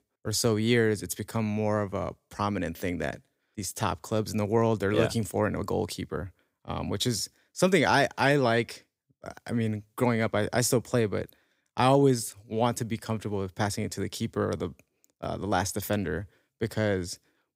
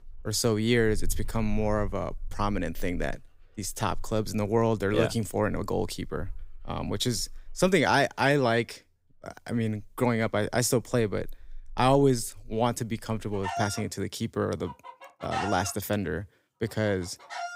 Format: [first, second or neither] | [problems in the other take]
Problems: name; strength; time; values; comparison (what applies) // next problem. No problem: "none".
first | animal sounds; noticeable; throughout; 15 dB below the speech